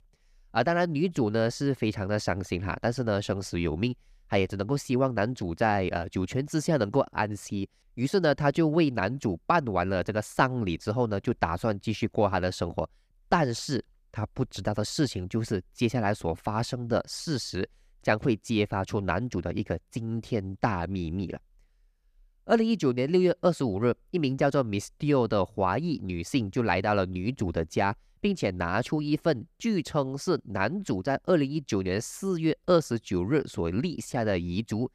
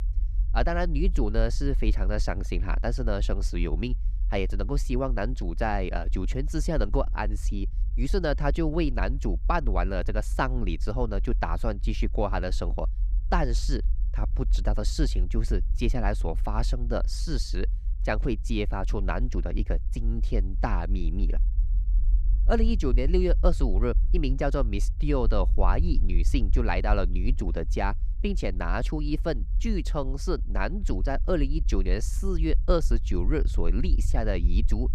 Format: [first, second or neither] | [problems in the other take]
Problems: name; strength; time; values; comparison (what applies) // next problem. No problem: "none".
first | low rumble; faint; throughout; 20 dB below the speech